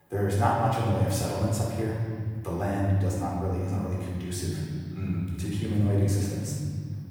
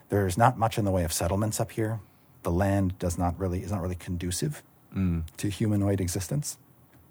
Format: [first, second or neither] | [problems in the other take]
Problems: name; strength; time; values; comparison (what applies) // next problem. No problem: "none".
second | room echo; strong; dies away in 2.3 s // off-mic speech; far